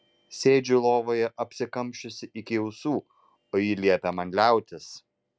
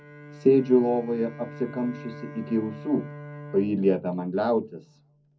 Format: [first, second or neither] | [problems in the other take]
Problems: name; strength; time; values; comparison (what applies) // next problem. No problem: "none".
first | background sound (Bowed string instrument); 16 dB below the speech // room echo; dies away in 0.4 s